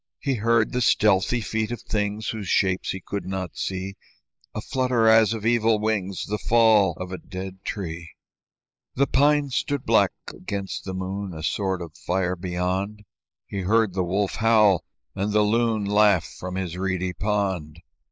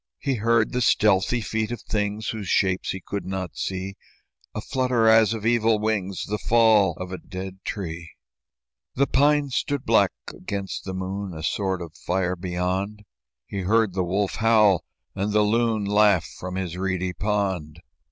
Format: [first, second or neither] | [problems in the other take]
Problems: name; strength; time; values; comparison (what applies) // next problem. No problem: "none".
second | noise reduction (neural mask model Resemble Enhance denoiser)